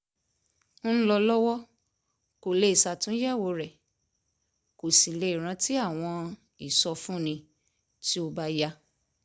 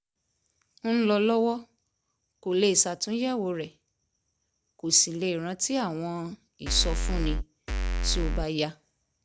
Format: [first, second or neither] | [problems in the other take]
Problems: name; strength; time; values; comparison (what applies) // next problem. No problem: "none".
first | background sound (Bass drum / Keyboard (musical)); 2 dB above the speech